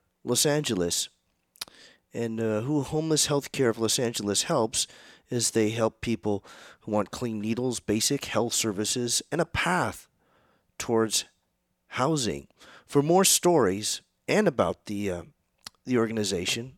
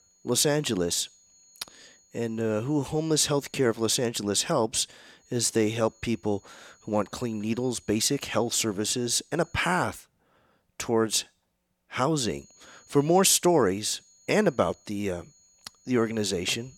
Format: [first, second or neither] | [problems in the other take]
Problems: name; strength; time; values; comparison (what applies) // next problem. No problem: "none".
first | high-pitched whine; faint; until 4 s, from 5 to 9.5 s and from 12 s on; 6.5 kHz, 30 dB below the speech